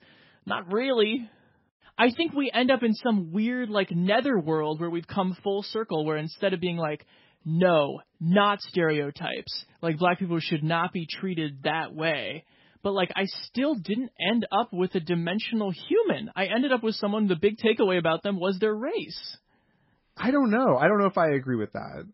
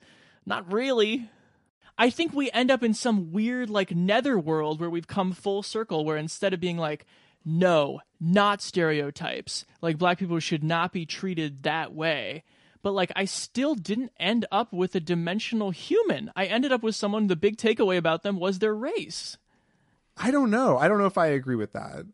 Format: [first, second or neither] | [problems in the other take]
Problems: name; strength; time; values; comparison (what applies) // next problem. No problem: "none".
second | garbled, watery; badly; nothing above 5.5 kHz; slightly in the second